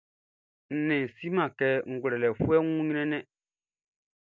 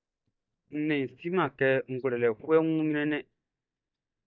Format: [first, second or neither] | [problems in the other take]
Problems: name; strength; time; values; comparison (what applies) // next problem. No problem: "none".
first | noise reduction (neural mask model DeepFilterNet 3)